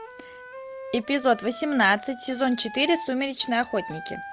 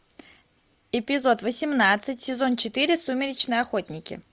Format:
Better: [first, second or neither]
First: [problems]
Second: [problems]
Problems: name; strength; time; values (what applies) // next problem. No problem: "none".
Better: second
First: background sound (Wind instrument, woodwind instrument); 14 dB below the speech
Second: none